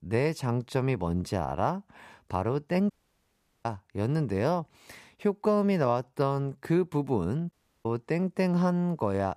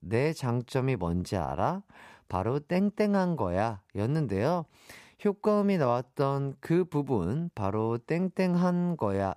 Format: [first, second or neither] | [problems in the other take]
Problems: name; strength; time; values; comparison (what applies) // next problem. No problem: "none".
second | audio cutting out; at 3 s for 0.5 s and at 7.5 s